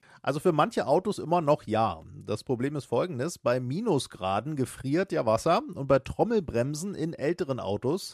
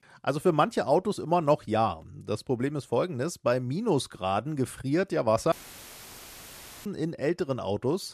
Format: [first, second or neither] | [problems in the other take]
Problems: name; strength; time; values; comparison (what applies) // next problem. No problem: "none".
first | audio cutting out; filled with static; at 5.5 s for 1.5 s